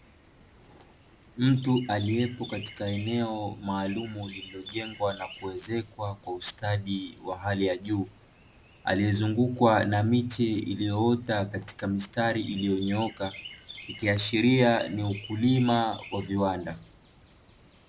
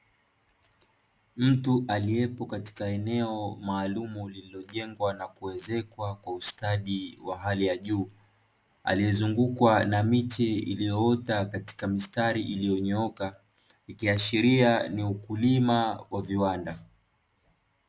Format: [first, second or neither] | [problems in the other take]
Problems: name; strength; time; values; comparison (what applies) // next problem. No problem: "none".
second | background sound (Chirp, tweet); 20 dB below the speech